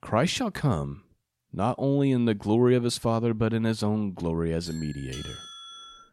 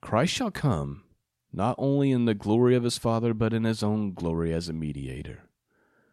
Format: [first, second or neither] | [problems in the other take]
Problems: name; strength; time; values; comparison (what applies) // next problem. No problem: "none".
second | doorbell; faint; from 4.5 s on; peak 15 dB below the speech